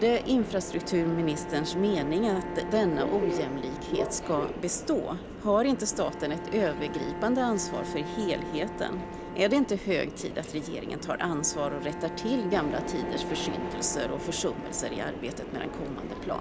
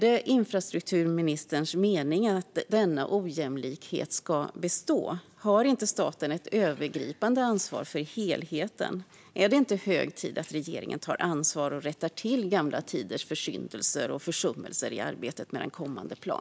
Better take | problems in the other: second | background sound (Subway, metro, underground + Bowed string instrument); 6 dB below the speech

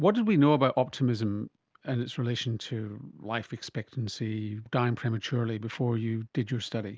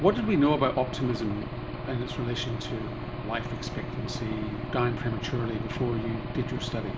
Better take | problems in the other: first | background sound (Engine / Aircraft); 5 dB below the speech // room echo; dies away in 1.4 s

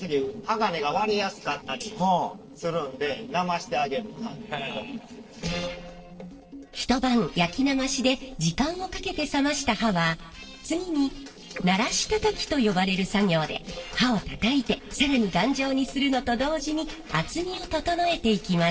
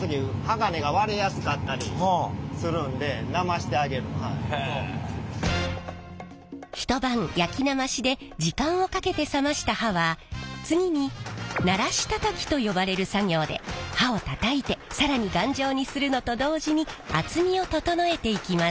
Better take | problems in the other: second | noise reduction (neural separator model SepFormer DNS4)

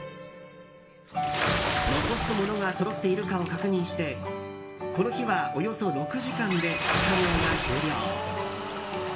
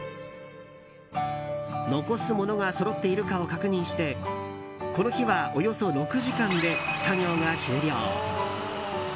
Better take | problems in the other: second | background sound (Bathtub (filling or washing) / Splash, splatter); 5 dB below the speech // room echo; dies away in 0.6 s

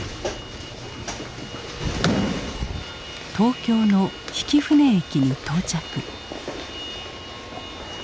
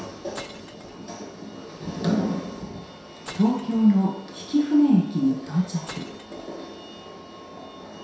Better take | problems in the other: first | background sound (Glass); 18 dB below the speech // room echo; dies away in 0.7 s

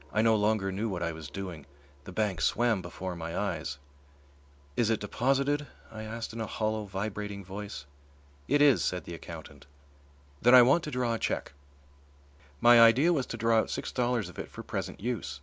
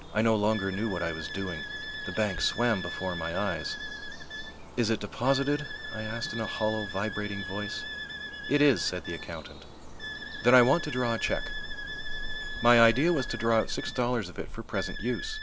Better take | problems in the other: first | background sound (Bird vocalization, bird call, bird song + Wind instrument, woodwind instrument); 7 dB below the speech

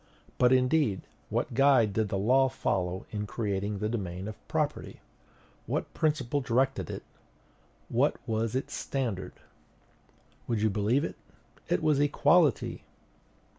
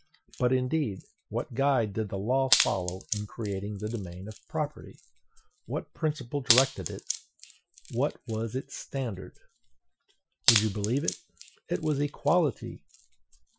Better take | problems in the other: first | noise reduction (classical method Wiener filter)

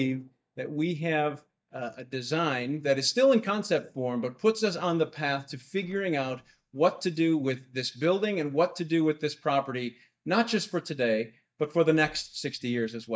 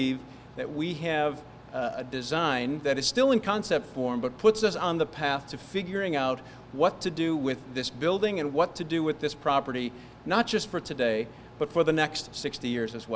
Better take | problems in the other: second | noise reduction (neural mask model DeepFilterNet 3)

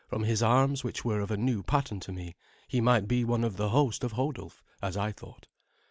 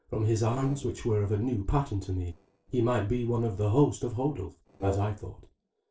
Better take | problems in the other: first | noise reduction (neural separator model SepFormer DNS4)

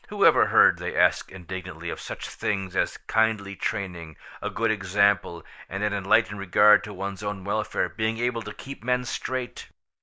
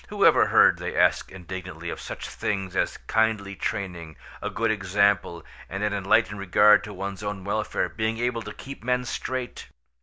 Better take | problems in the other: second | noise reduction (neural mask model Resemble Enhance denoiser)

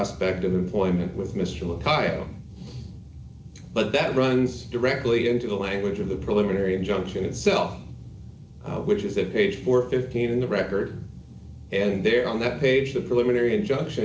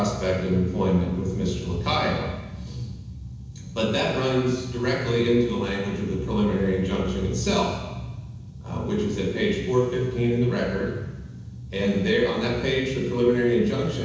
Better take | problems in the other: first | room echo; dies away in 1.1 s

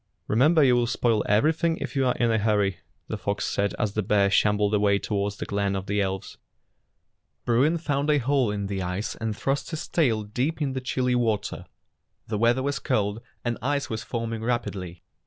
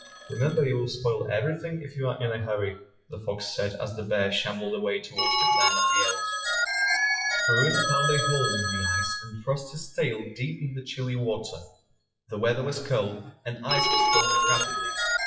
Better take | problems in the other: first | noise reduction (classical method WPE with log-MMSE)

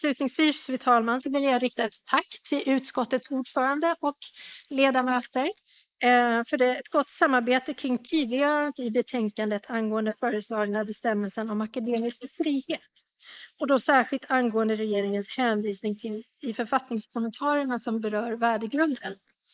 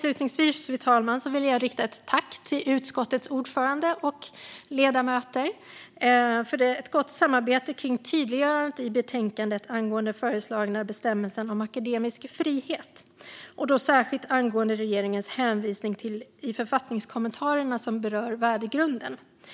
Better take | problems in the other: second | noise reduction (neural mask model Resemble Enhance denoiser)

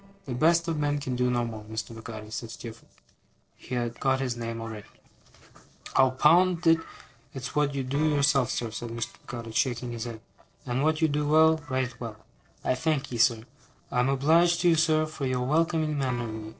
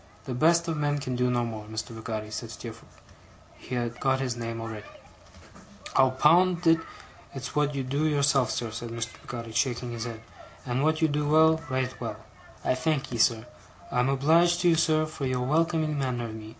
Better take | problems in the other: second | noise reduction (neural separator model SepFormer DNS4)

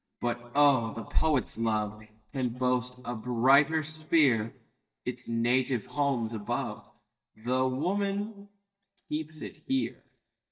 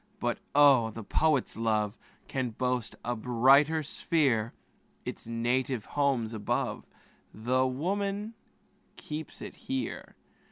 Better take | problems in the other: second | noise reduction (neural mask model DeepFilterNet 3)

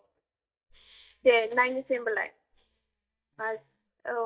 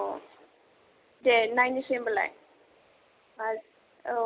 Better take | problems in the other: second | noise reduction (neural mask model DeepFilterNet 3)

